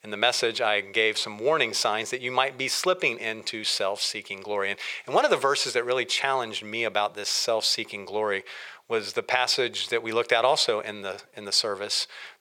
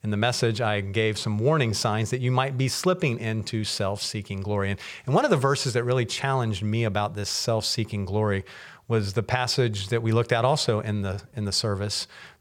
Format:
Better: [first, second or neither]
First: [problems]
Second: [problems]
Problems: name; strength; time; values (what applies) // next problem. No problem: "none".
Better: second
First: thin; very; fading below 500 Hz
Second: none